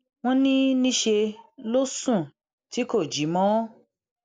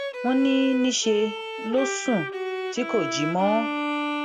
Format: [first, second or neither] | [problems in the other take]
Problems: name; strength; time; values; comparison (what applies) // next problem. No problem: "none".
first | background sound (Bowed string instrument); 5 dB below the speech